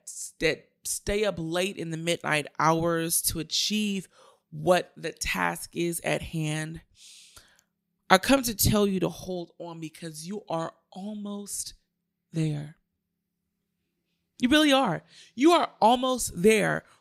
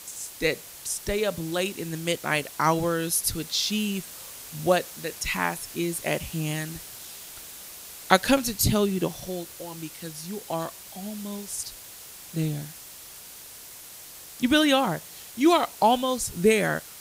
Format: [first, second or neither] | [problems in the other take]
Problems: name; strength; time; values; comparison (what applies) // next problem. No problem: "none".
first | hiss; noticeable; throughout; 15 dB below the speech